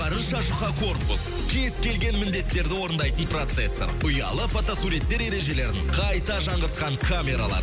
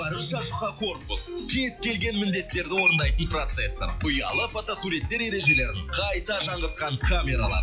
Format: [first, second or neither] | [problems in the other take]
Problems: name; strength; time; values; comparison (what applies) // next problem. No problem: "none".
first | noise reduction (classical method log-MMSE)